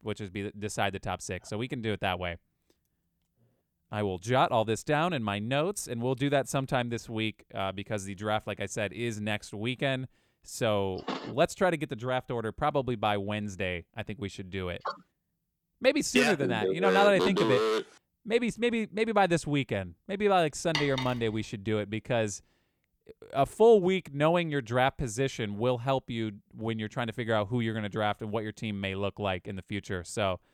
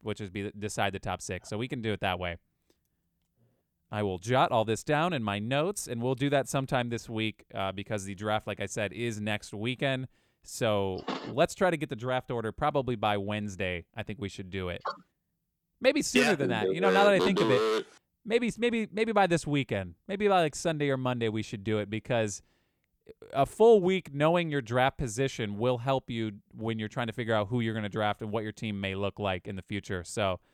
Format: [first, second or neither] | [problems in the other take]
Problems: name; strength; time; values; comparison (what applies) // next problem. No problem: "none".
second | clattering dishes; noticeable; at 21 s; peak 3 dB below the speech